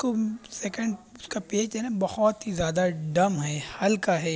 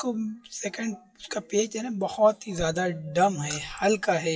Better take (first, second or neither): first